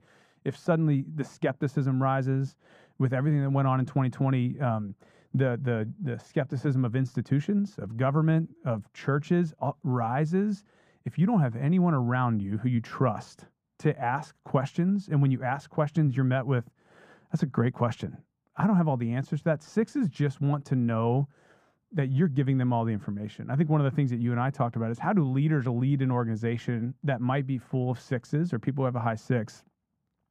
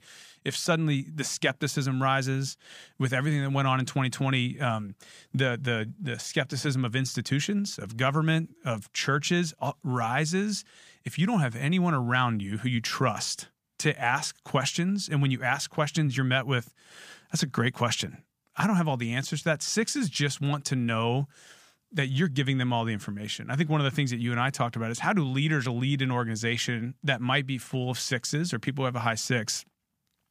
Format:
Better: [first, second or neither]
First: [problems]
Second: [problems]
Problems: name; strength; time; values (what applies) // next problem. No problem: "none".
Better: second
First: muffled; very; fading above 2 kHz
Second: none